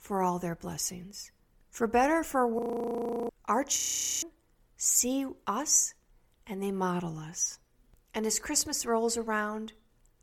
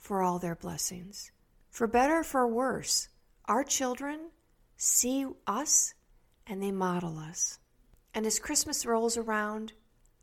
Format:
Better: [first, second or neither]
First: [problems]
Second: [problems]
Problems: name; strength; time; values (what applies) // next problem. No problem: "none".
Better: second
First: audio freezing; at 2.5 s for 0.5 s and at 4 s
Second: none